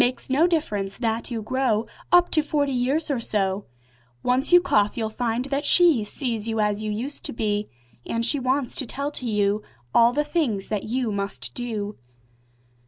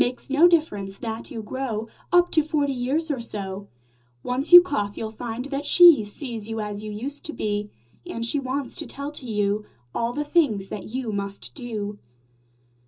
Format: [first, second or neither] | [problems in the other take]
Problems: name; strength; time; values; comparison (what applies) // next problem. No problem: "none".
first | room echo; dies away in 0.2 s